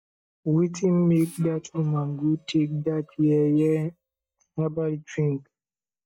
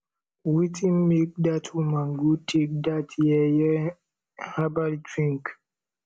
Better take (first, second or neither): second